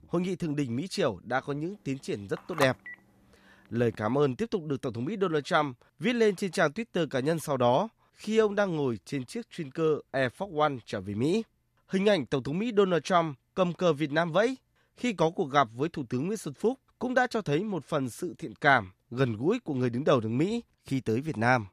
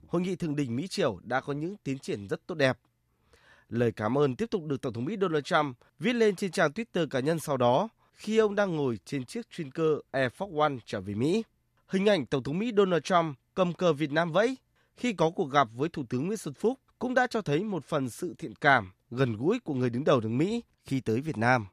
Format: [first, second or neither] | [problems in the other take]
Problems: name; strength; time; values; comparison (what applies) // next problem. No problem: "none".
second | phone ringing; noticeable; at 2.5 s; peak 6 dB below the speech